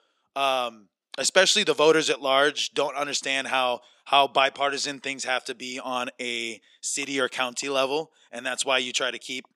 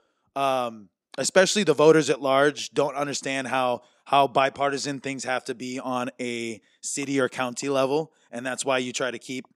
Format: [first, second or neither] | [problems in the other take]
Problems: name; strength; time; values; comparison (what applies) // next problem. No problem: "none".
second | thin; very slightly; fading below 550 Hz